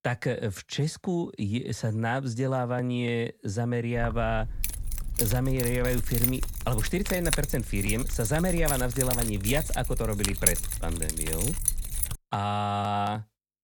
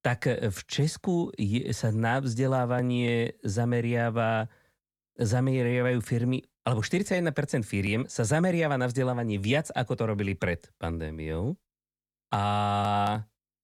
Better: second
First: jangling keys; loud; from 4 to 12 s; peak 6 dB above the speech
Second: none

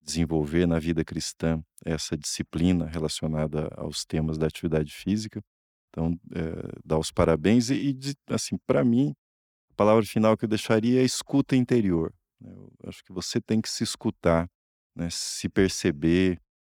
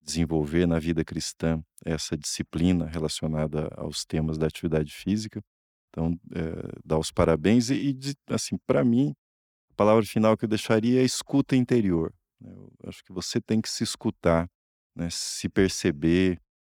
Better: neither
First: none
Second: none

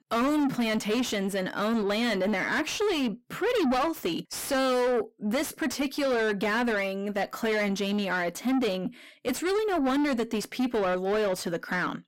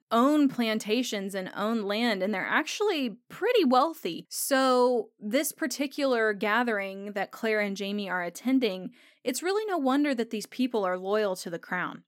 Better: second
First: distortion; heavy; 7 dB below the speech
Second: none

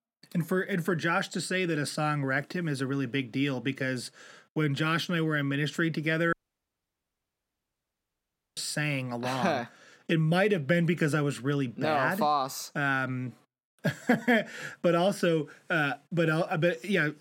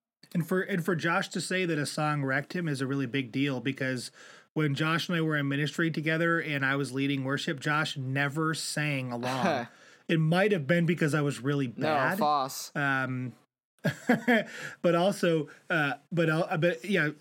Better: second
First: audio cutting out; at 6.5 s for 2 s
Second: none

